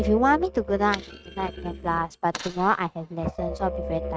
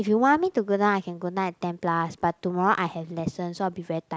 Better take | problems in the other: second | noise reduction (neural mask model RNNoise)

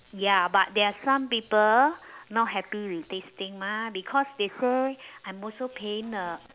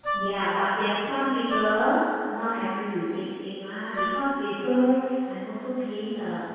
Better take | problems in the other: first | background sound (Wind instrument, woodwind instrument); 5 dB below the speech // room echo; dies away in 2 s

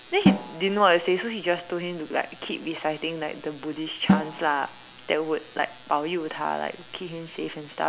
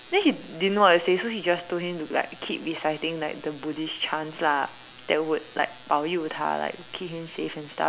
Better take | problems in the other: second | background sound (Snare drum); 4 dB below the speech

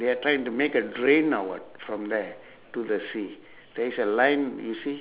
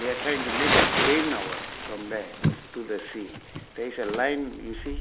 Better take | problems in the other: first | background sound (Crumpling, crinkling); 1 dB above the speech

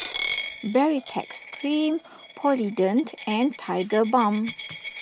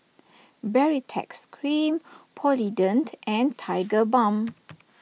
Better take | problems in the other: second | background sound (Coin (dropping)); 12 dB below the speech

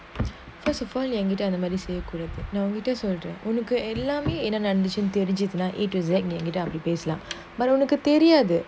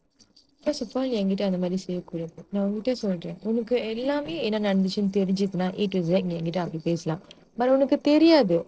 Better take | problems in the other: first | noise reduction (neural separator model SepFormer DNS4)

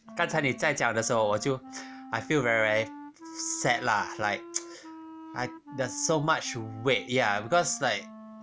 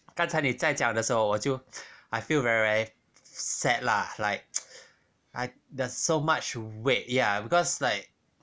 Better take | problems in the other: second | background sound (Wind instrument, woodwind instrument); 16 dB below the speech

